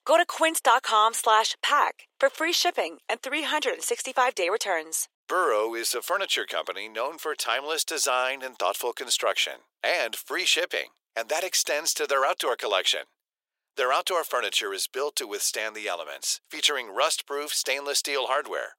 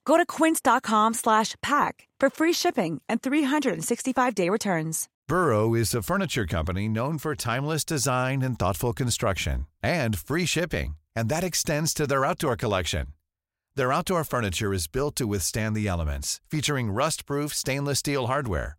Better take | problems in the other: second | thin; very; fading below 400 Hz

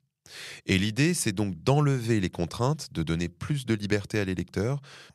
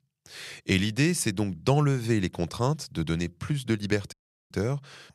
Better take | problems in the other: first | audio cutting out; at 4 s

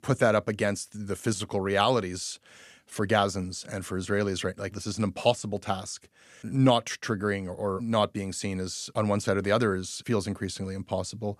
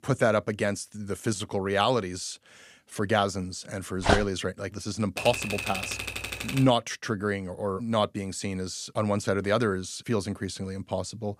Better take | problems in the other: first | dog barking; loud; at 4 s; peak 3 dB above the speech // keyboard typing; noticeable; from 5 to 6.5 s; peak 3 dB below the speech

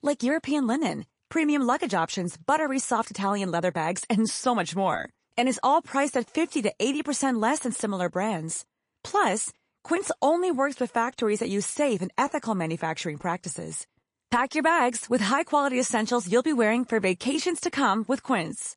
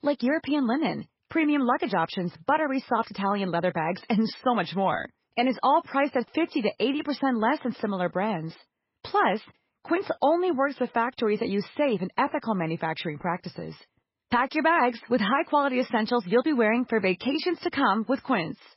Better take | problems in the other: first | garbled, watery; badly; nothing above 5.5 kHz; slightly in the first

